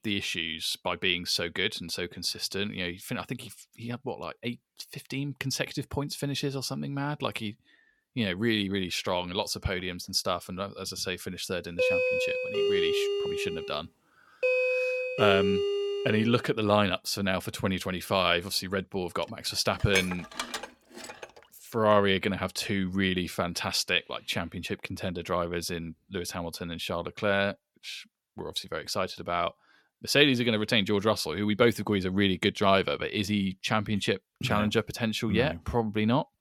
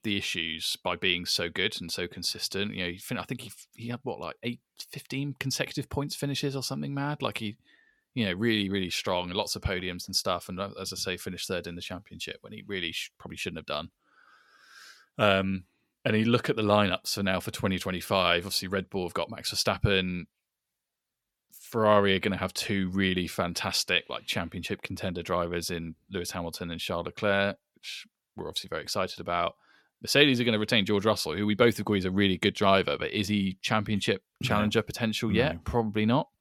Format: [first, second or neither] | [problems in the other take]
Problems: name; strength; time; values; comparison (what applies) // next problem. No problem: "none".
second | doorbell; loud; from 12 to 16 s; peak 4 dB above the speech // clattering dishes; noticeable; from 20 to 21 s; peak 2 dB below the speech